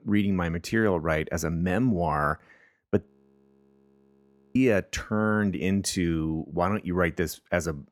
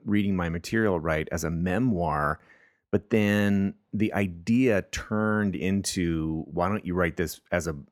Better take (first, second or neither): second